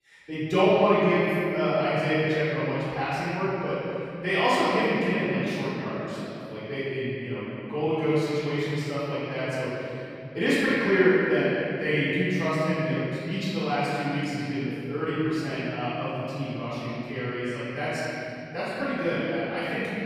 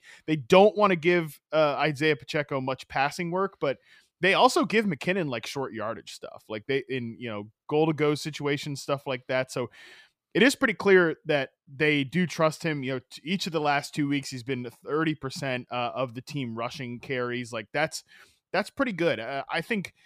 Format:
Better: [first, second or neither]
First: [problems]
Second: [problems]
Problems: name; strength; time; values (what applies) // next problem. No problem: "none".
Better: second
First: room echo; strong; dies away in 3 s // off-mic speech; far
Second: none